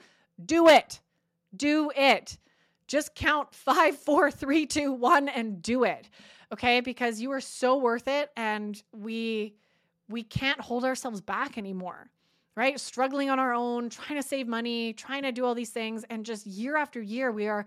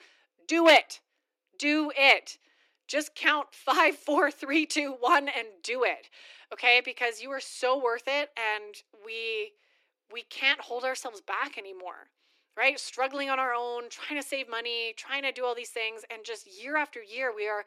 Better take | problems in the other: first | thin; very slightly; fading below 300 Hz

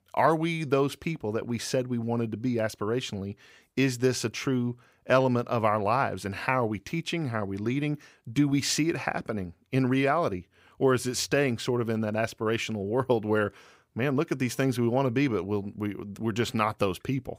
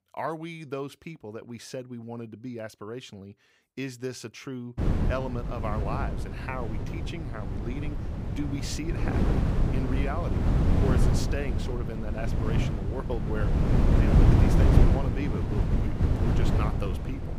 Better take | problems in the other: first | wind noise on the microphone; heavy; from 5 s on; 2 dB above the speech

